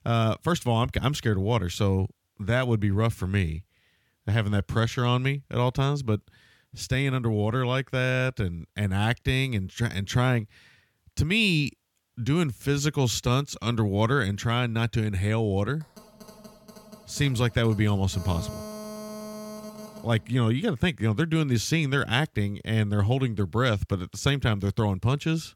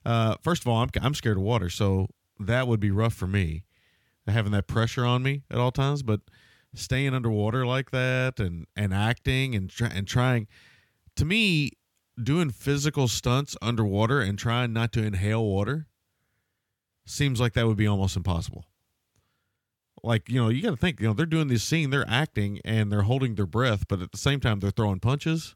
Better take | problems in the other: second | phone ringing; faint; from 16 to 20 s; peak 10 dB below the speech

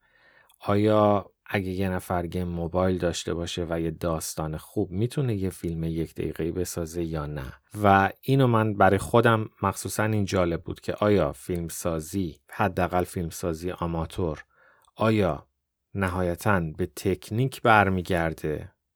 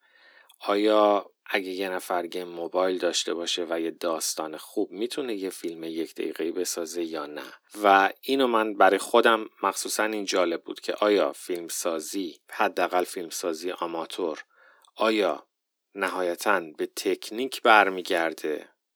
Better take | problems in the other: first | thin; somewhat; fading below 250 Hz

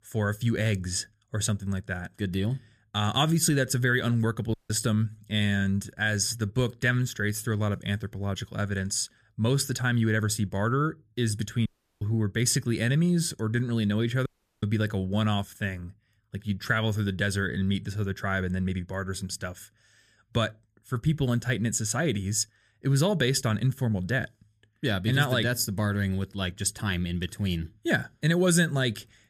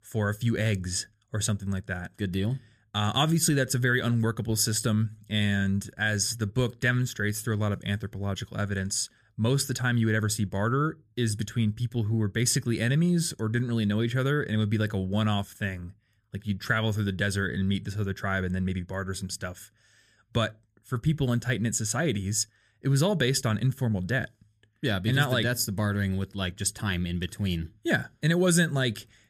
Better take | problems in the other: second | audio cutting out; at 4.5 s, at 12 s and at 14 s

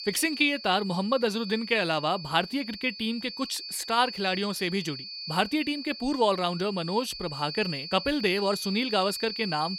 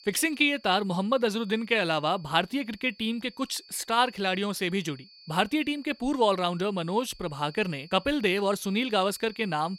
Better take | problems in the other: second | high-pitched whine; loud; throughout; 4.5 kHz, 9 dB below the speech; faint in the second

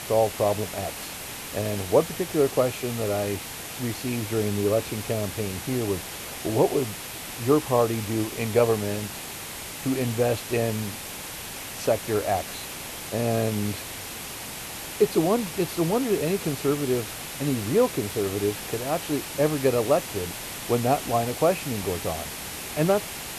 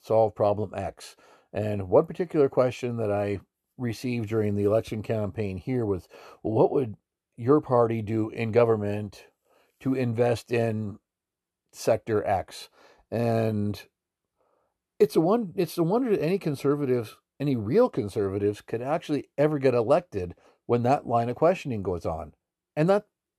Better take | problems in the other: second | hiss; loud; throughout; 8 dB below the speech

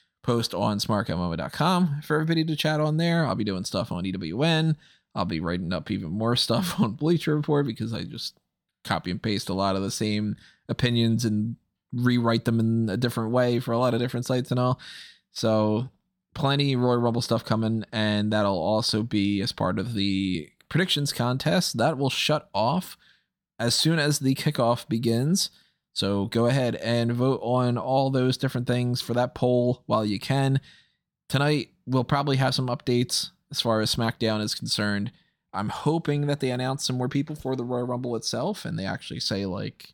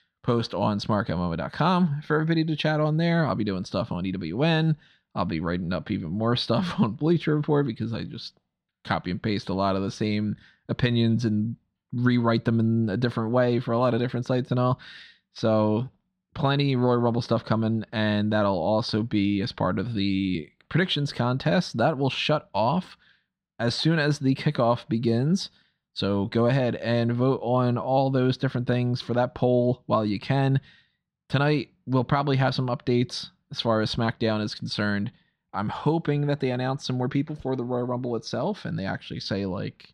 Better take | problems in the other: first | muffled; very slightly; fading above 3.5 kHz

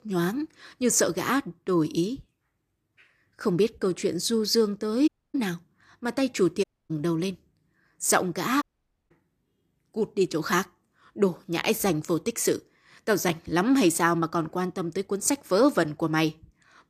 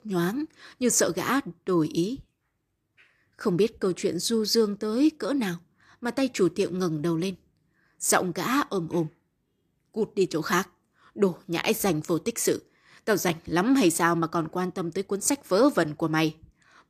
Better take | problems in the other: second | audio cutting out; at 5 s, at 6.5 s and at 8.5 s

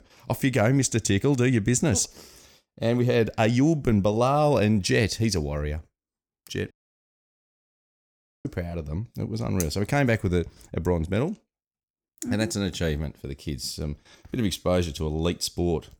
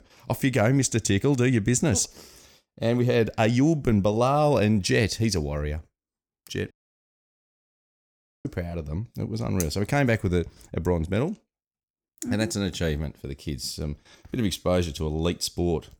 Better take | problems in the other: neither | audio cutting out; at 6.5 s for 1.5 s; the same in both

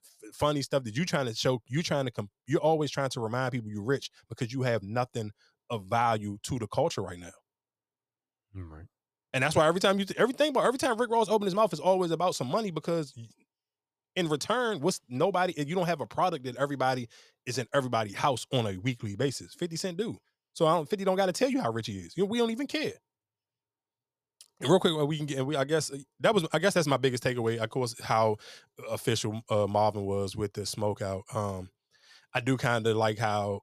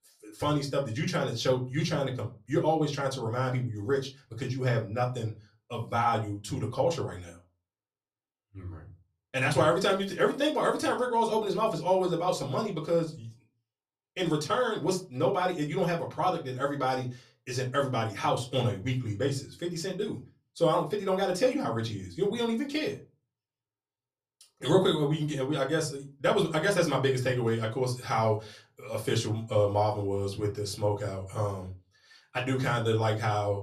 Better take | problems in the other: first | off-mic speech; far // room echo; very slight; dies away in 0.3 s

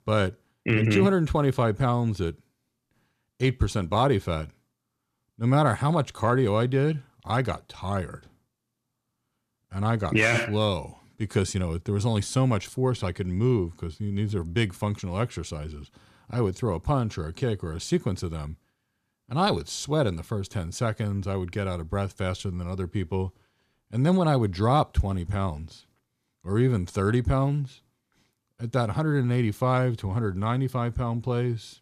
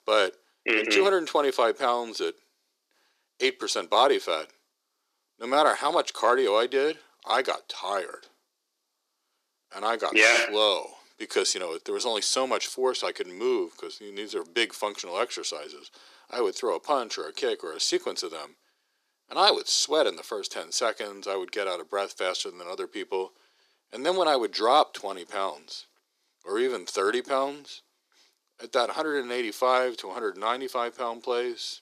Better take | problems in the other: first | thin; very; fading below 350 Hz

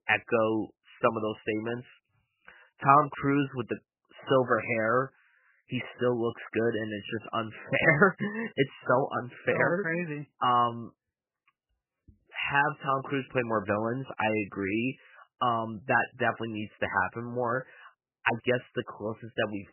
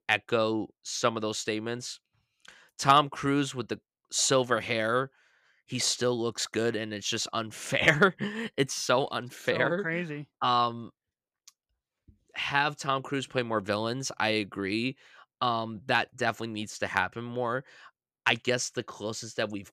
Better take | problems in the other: second | garbled, watery; badly; nothing above 3 kHz

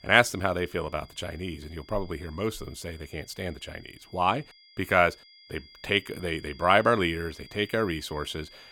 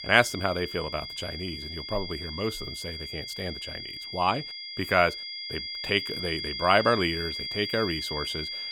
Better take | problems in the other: first | high-pitched whine; loud; throughout; 5 kHz, 6 dB below the speech; faint in the first

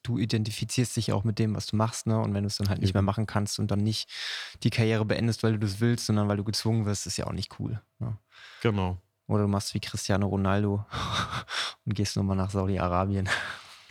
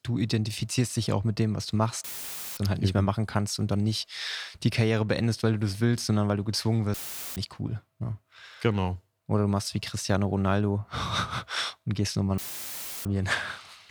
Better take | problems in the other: first | audio cutting out; filled with static; at 2 s for 0.5 s, at 7 s and at 12 s for 0.5 s

